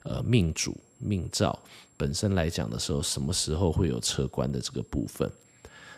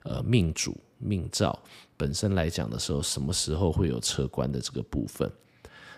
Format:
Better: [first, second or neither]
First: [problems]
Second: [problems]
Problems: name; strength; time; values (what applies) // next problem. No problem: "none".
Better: second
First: high-pitched whine; faint; throughout; 7.5 kHz, 30 dB below the speech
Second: none